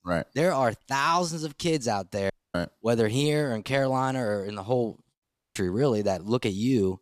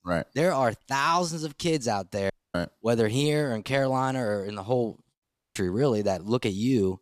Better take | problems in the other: neither | audio cutting out; at 2.5 s and at 5 s; the same in both

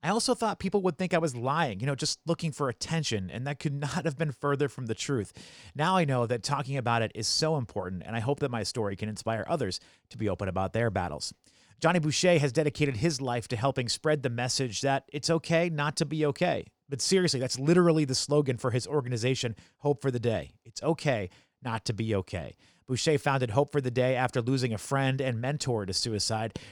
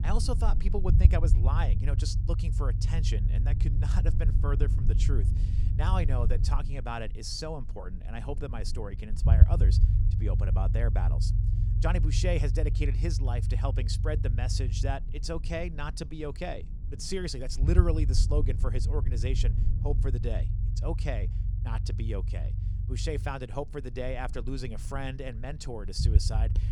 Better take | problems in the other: first | low rumble; loud; throughout; 7 dB below the speech

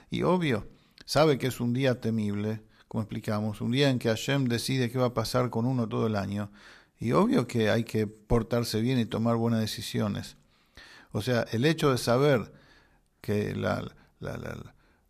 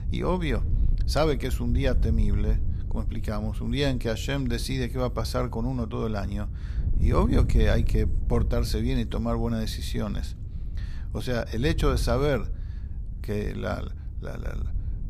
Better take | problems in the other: first | wind noise on the microphone; occasional gusts; 15 dB below the speech

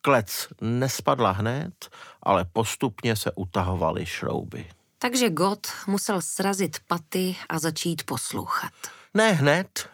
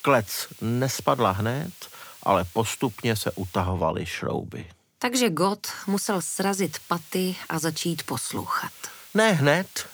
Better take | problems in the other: first | hiss; noticeable; until 3.5 s and from 6 s on; 20 dB below the speech

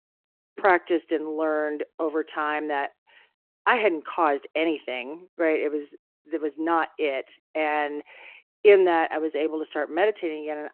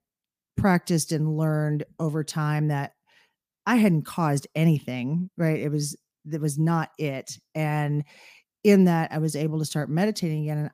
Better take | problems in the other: second | phone-call audio

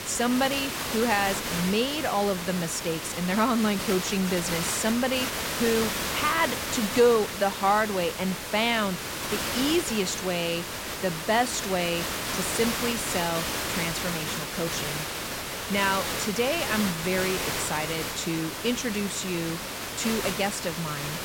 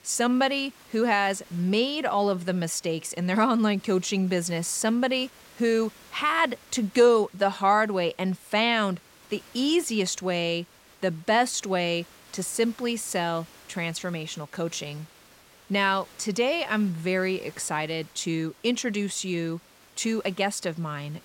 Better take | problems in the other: second | hiss; loud; throughout; 3 dB below the speech; faint in the second

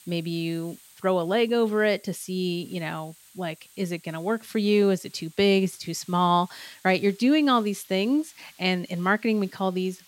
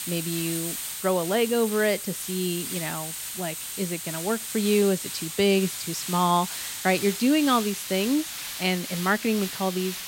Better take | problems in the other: first | hiss; loud; throughout; 6 dB below the speech; faint in the first

